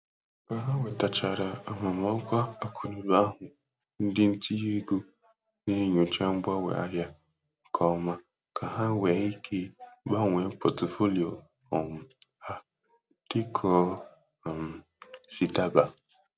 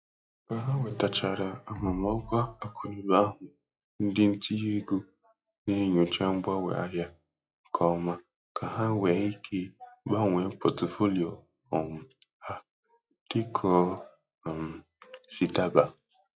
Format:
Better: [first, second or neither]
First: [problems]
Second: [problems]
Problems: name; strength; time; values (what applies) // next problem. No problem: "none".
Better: first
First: none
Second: noise reduction (classical method log-MMSE)